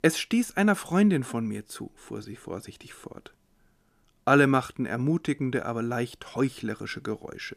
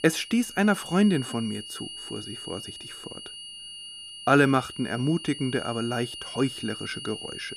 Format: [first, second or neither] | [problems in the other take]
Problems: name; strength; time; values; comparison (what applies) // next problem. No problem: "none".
first | high-pitched whine; noticeable; throughout; 3 kHz, 10 dB below the speech